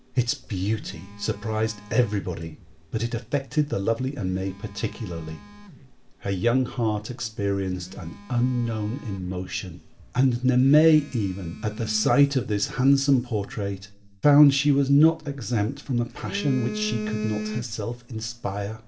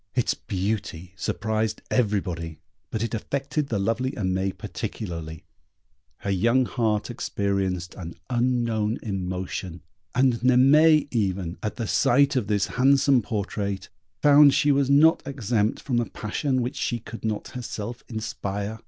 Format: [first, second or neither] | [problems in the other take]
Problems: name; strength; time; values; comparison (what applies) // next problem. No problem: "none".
second | background sound (Telephone); 15 dB below the speech // room echo; dies away in 0.3 s